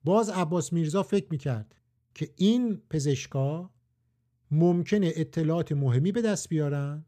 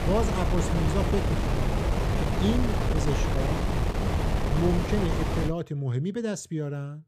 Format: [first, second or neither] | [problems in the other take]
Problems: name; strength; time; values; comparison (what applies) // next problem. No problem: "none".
first | wind noise on the microphone; heavy; until 5.5 s; 2 dB above the speech